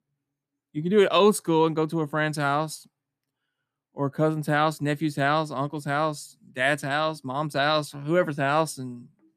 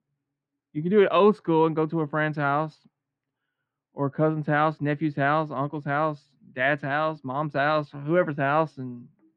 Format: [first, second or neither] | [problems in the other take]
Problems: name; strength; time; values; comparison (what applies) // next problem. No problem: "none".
first | muffled; very; fading above 2.5 kHz